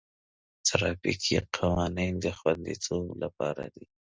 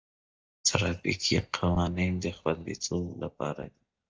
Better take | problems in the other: first | noise reduction (neural mask model DeepFilterNet 3)

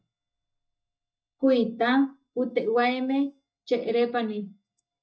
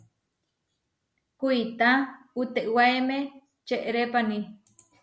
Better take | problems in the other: second | noise reduction (neural mask model DeepFilterNet 3)

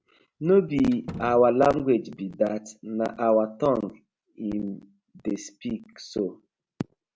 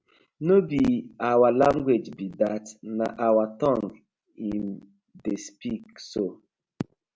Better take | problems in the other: second | background sound (Slam); 18 dB below the speech

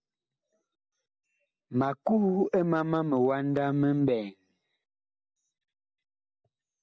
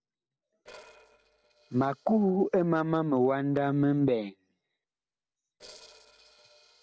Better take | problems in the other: first | noise reduction (neural separator model SepFormer DNS4)

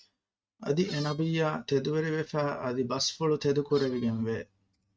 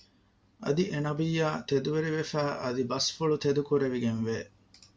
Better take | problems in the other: second | noise reduction (neural mask model RNNoise)

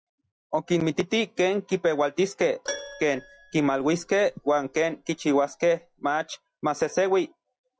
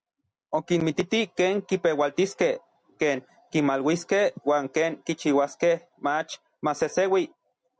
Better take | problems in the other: second | noise reduction (classical method log-MMSE)

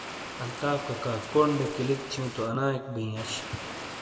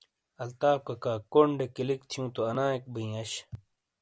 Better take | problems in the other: second | background sound (Water); 10 dB below the speech // room echo; dies away in 1.8 s

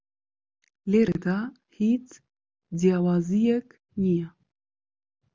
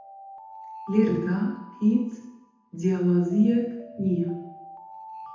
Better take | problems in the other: first | background sound (Alarm); 19 dB below the speech // room echo; dies away in 0.8 s

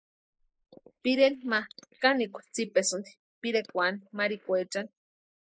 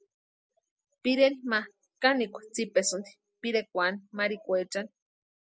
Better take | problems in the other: second | noise reduction (neural mask model Resemble Enhance denoiser)

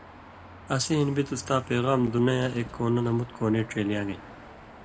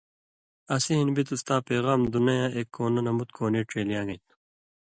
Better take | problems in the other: second | background sound (Car passing by / Traffic noise, roadway noise / Engine); 18 dB below the speech // room echo; dies away in 1.4 s

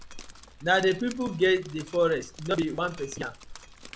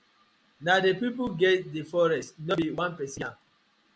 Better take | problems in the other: second | background sound (Drip); 17 dB below the speech

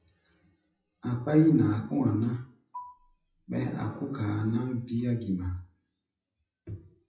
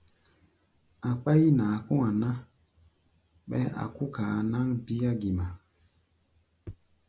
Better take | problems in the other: second | noise reduction (classical method WPE with log-MMSE)

